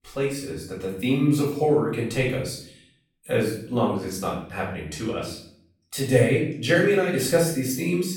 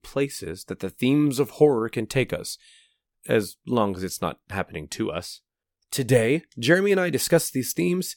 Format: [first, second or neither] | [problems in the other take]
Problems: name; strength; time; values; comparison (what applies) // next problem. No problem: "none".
second | off-mic speech; far // room echo; noticeable; dies away in 0.5 s